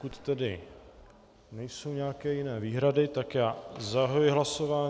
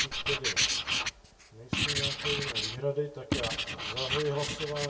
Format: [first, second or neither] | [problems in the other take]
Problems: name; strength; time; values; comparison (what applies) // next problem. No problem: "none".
first | background sound (Writing); 3 dB above the speech // room echo; dies away in 0.1 s